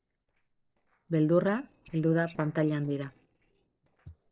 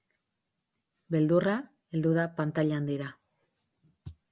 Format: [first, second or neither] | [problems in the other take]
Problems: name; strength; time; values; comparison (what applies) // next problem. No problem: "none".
second | noise reduction (neural separator model SepFormer DNS4)